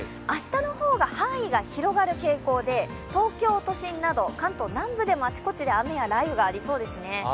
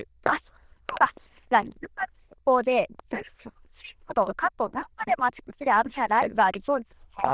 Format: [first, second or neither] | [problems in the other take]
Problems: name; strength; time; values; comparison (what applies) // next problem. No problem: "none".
first | noise reduction (neural diffusion model UNIVERSE++)